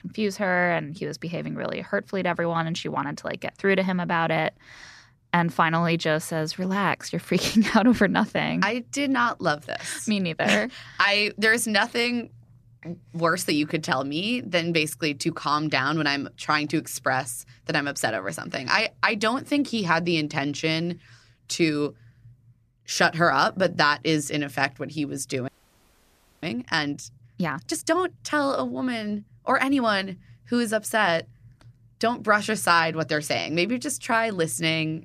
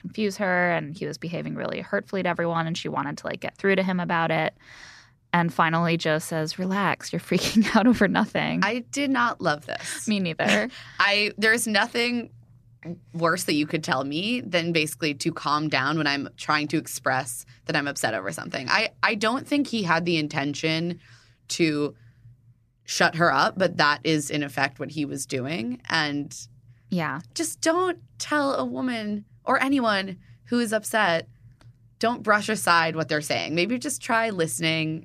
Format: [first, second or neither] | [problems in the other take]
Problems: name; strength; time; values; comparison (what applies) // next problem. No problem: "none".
second | audio freezing; at 25 s for 1 s